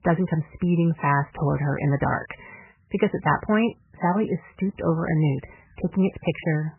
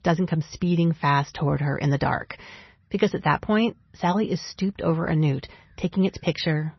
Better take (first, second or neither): second